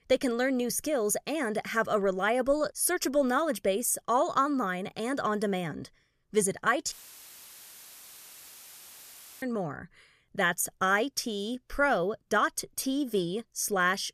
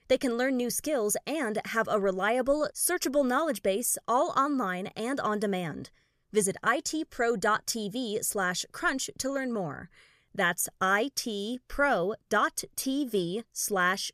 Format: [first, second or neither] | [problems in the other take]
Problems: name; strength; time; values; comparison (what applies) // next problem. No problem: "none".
second | audio cutting out; filled with static; at 7 s for 2.5 s